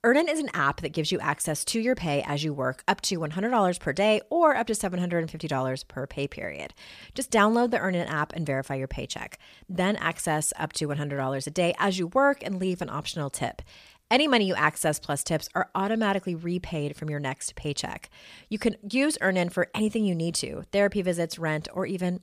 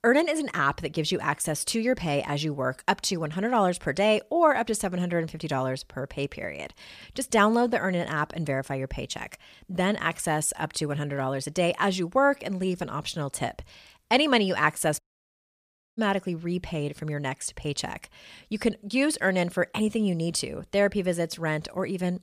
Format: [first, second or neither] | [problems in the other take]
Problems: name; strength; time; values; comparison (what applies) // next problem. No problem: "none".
first | audio cutting out; at 15 s for 1 s